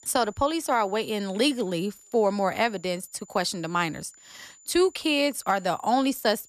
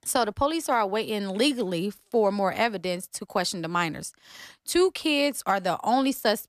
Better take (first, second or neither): second